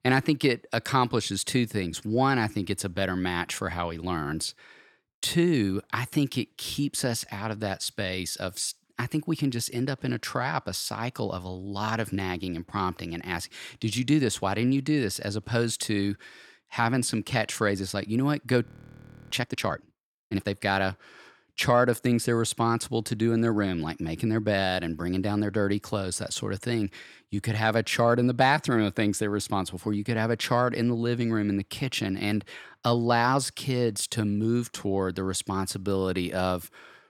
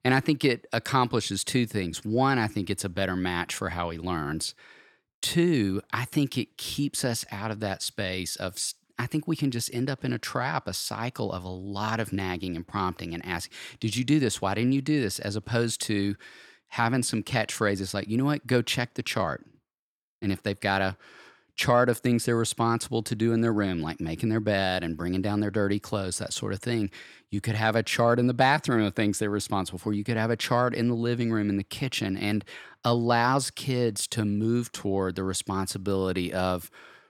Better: second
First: audio freezing; at 19 s for 0.5 s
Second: none

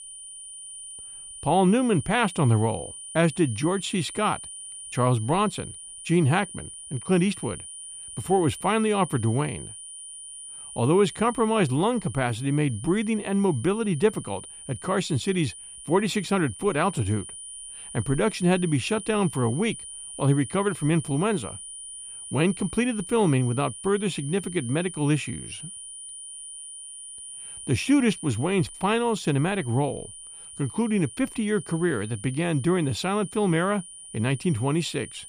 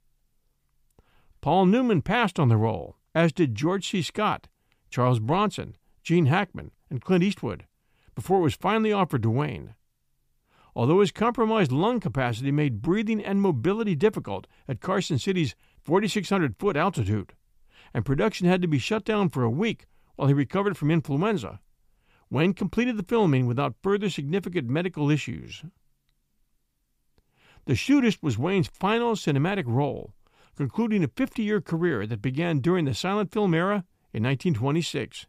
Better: second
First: high-pitched whine; noticeable; throughout; 9.5 kHz, 15 dB below the speech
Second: none

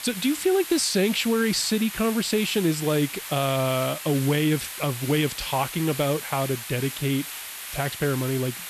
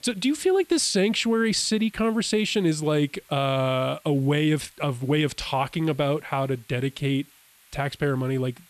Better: second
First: hiss; loud; throughout; 9 dB below the speech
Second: hiss; faint; throughout; 30 dB below the speech

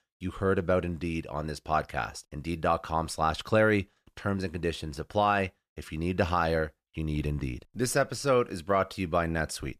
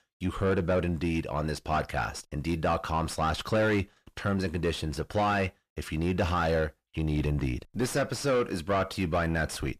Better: first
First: none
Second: distortion; heavy; 8 dB below the speech

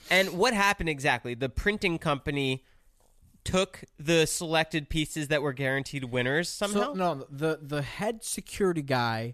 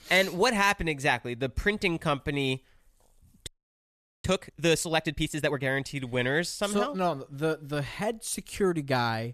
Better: first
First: none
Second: audio freezing; at 3.5 s for 1 s

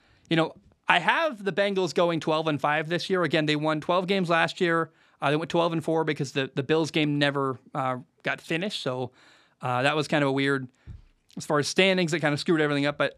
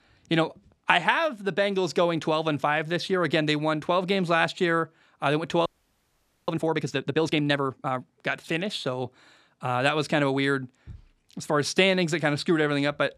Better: first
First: none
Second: audio freezing; at 5.5 s for 1 s

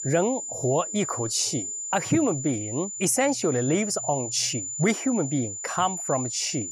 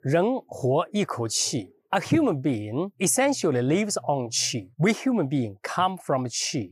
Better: second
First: high-pitched whine; loud; throughout; 7 kHz, 5 dB below the speech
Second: none

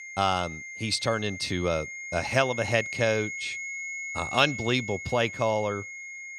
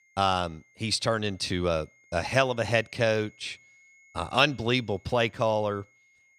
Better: second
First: high-pitched whine; loud; throughout; 2 kHz, 8 dB below the speech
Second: high-pitched whine; faint; throughout; 2 kHz, 30 dB below the speech

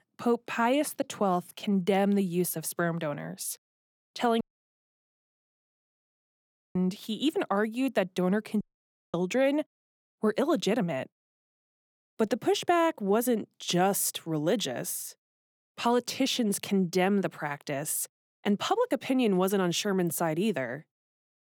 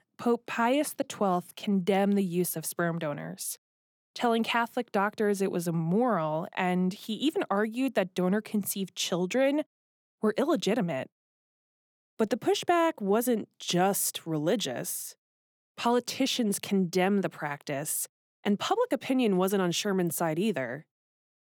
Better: second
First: audio cutting out; at 4.5 s for 2.5 s and at 8.5 s for 0.5 s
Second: none

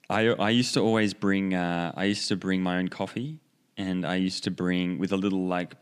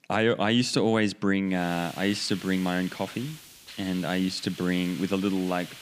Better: first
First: none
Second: hiss; noticeable; from 1.5 s on; 15 dB below the speech

